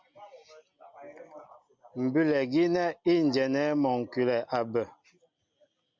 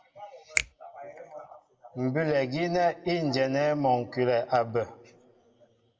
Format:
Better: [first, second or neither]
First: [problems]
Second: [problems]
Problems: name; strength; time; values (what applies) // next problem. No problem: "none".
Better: first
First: none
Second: background sound (Finger snapping); 7 dB below the speech // room echo; dies away in 0.7 s